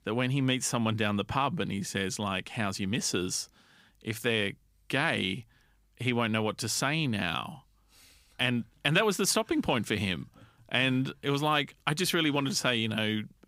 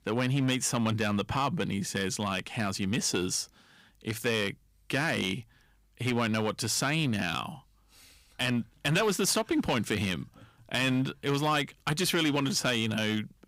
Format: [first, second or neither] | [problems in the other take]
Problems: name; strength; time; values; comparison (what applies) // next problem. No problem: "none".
first | distortion; slight; 5% of the sound clipped